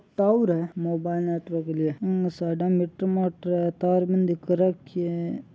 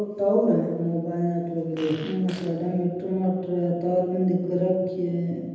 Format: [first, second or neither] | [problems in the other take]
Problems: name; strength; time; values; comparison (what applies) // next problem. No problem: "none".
first | background sound (Fart); 20 dB below the speech // room echo; dies away in 1.1 s